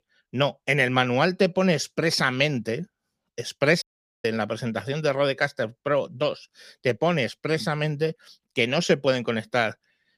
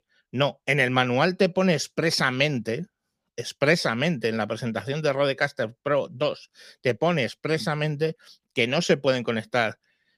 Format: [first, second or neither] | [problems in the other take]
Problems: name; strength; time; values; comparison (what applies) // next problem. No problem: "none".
second | audio cutting out; at 4 s